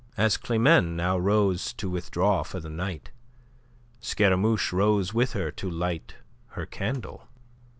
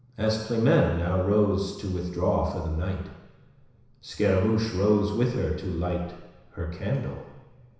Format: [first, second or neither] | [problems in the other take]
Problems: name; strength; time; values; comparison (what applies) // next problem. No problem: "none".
first | room echo; dies away in 1 s